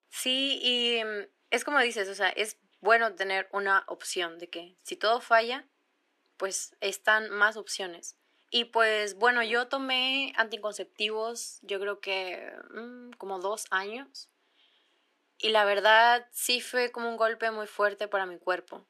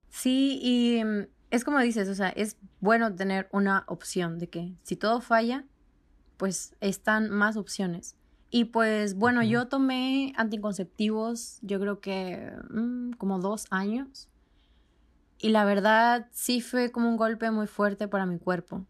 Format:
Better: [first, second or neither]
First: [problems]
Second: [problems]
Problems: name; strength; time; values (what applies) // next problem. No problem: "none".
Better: second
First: thin; very; fading below 400 Hz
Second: none